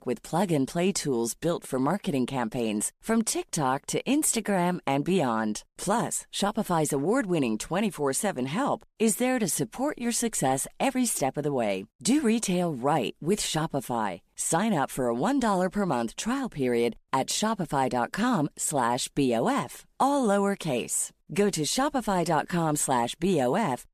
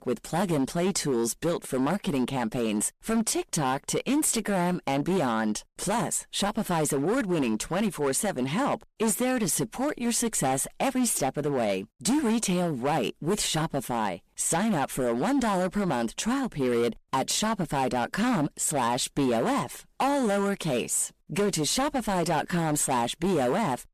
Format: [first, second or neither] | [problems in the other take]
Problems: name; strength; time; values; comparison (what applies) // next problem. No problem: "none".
first | distortion; slight; 12% of the sound clipped